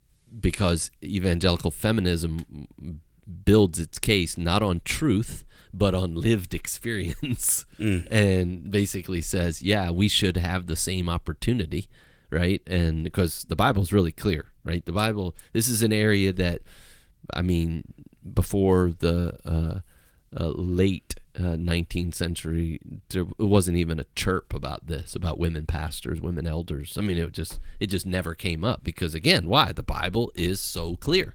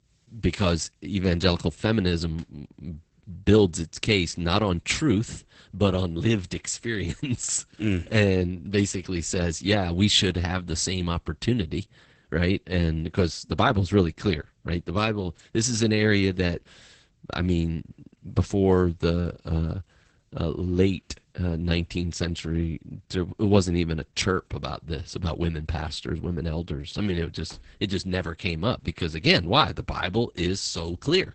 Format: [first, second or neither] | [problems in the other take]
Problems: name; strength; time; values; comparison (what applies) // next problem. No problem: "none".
first | garbled, watery; badly; nothing above 8 kHz; slightly in the first